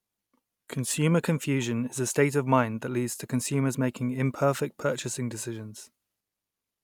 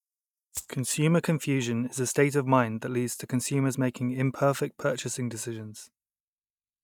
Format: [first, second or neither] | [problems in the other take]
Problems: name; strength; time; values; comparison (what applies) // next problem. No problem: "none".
first | noise reduction (neural mask model DeepFilterNet 3)